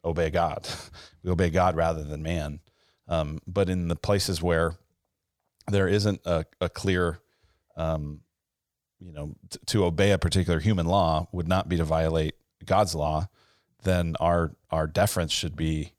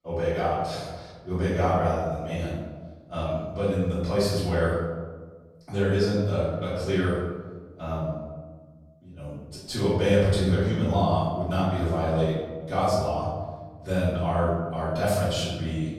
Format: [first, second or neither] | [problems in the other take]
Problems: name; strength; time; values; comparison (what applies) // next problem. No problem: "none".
first | off-mic speech; far // room echo; strong; dies away in 1.3 s